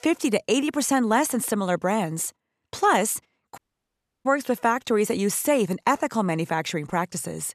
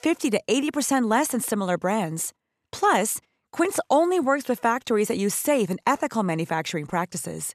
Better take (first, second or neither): second